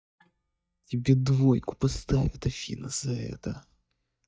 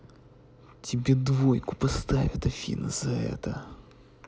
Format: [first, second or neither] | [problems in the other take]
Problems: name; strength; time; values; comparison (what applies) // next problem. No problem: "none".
second | noise reduction (neural mask model DeepFilterNet 3)